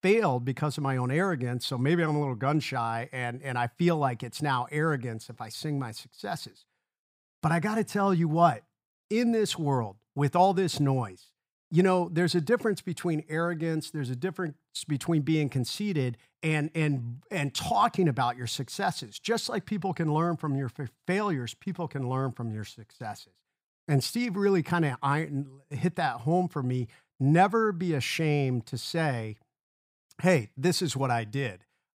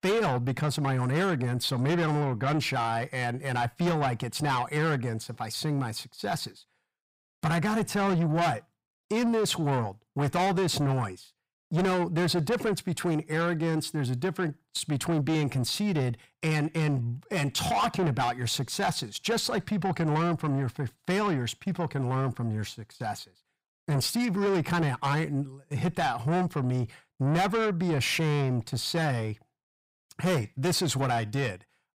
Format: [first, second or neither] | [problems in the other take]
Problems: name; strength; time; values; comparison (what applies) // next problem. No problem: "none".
first | distortion; heavy; 7 dB below the speech